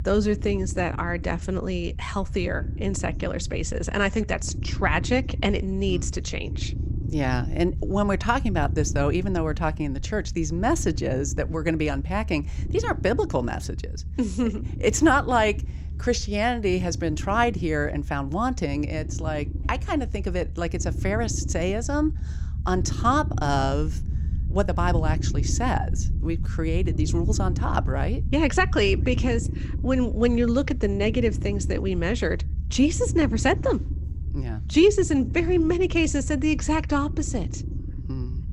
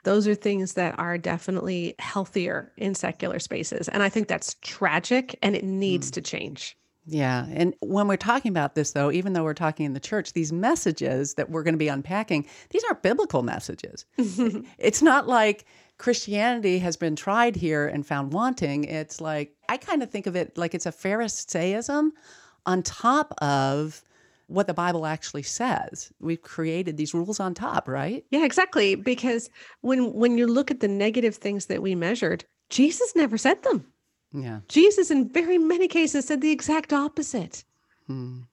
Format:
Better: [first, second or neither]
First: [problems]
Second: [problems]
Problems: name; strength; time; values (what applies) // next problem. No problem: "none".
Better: second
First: low rumble; noticeable; throughout; 15 dB below the speech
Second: none